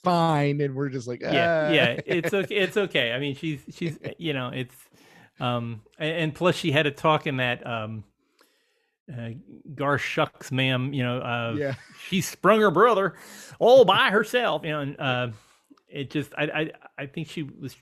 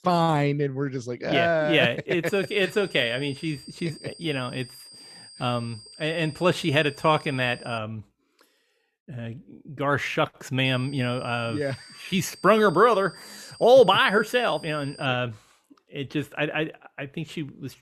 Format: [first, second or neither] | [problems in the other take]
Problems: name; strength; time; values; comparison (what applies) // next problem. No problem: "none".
first | high-pitched whine; faint; from 2.5 to 8 s and from 11 to 15 s; 4.5 kHz, 20 dB below the speech